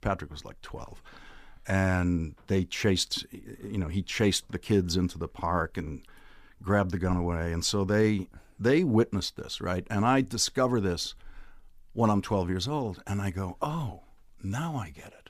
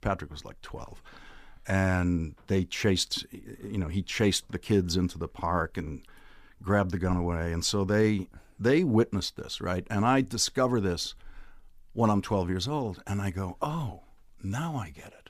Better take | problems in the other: neither | none

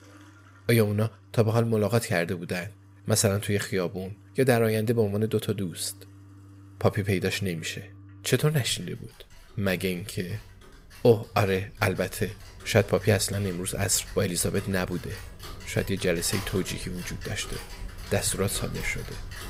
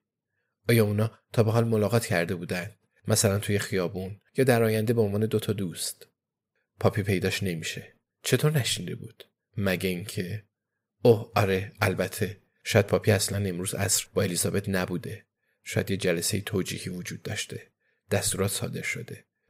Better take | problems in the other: second | household noises; noticeable; throughout; 20 dB below the speech

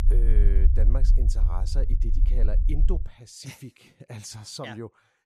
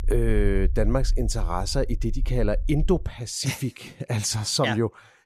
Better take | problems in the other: second | low rumble; loud; until 3 s; 7 dB below the speech; faint in the second

